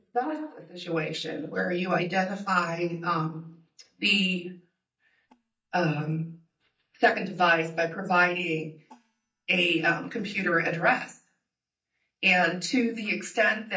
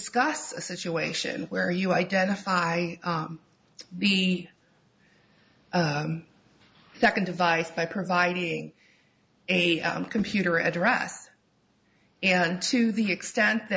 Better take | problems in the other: second | noise reduction (neural mask model DeepFilterNet 3)

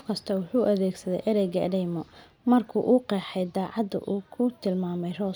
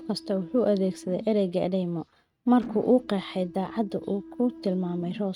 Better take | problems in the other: first | noise reduction (neural mask model RNNoise)

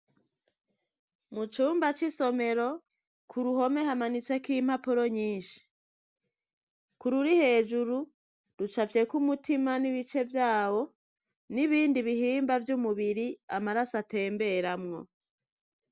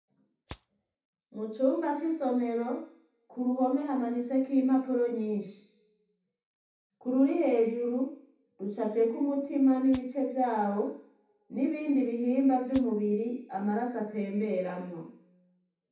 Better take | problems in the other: first | background sound (Rattle (instrument)); 19 dB below the speech // room echo; dies away in 0.7 s

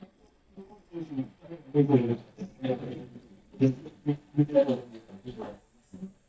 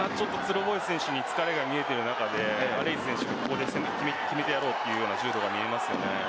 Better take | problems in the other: second | noise reduction (neural mask model DeepFilterNet 3)

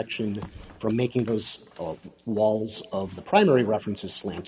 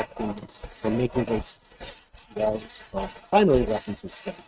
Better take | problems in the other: first | noise reduction (neural mask model RNNoise)

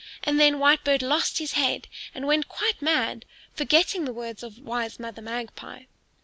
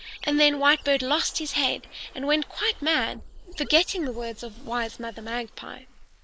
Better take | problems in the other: first | noise reduction (neural mask model Resemble Enhance denoiser)

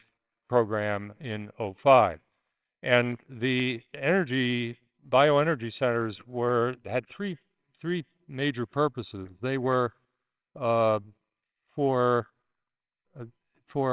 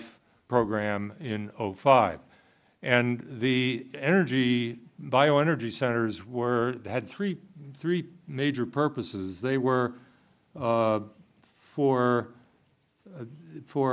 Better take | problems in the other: second | noise reduction (neural separator model SepFormer WHAMR!)

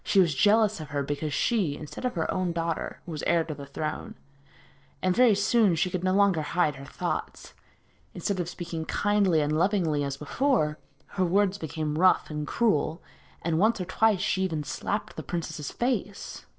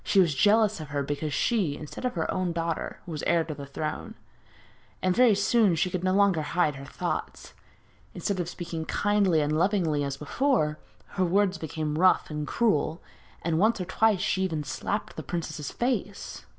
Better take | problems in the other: second | noise reduction (neural separator model SepFormer DNS4)

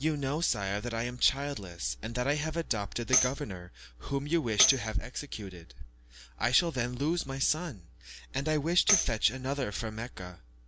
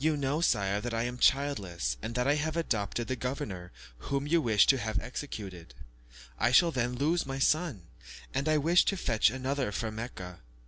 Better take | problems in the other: second | background sound (Tambourine); 3 dB below the speech

